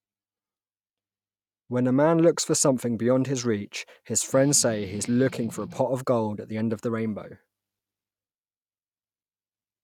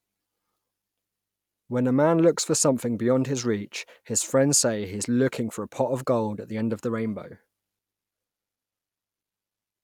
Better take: second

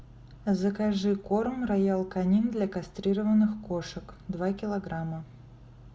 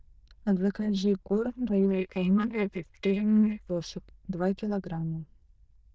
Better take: first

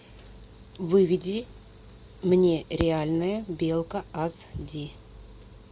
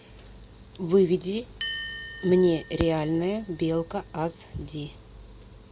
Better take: first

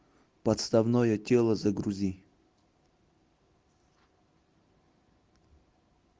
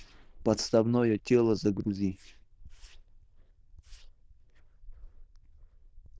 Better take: first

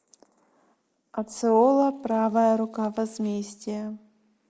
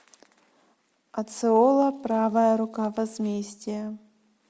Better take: second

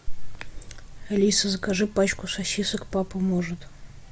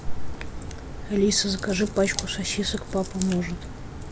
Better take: first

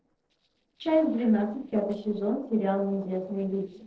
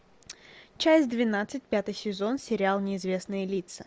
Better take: second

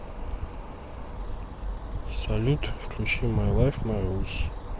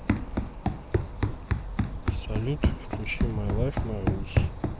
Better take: first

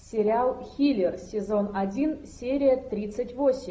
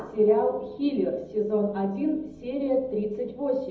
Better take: first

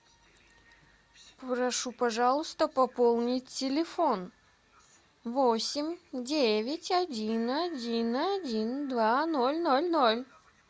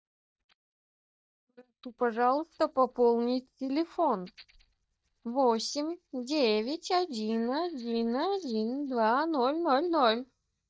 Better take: first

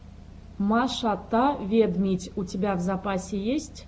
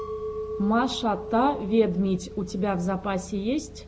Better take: first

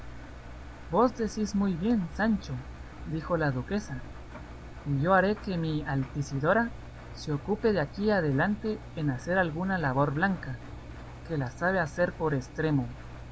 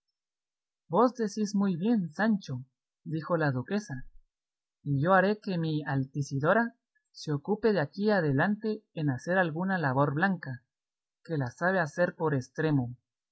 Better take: second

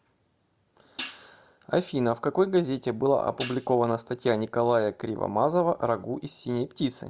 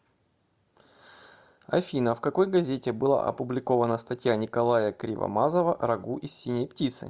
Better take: second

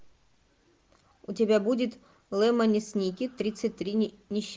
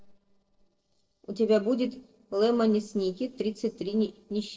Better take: first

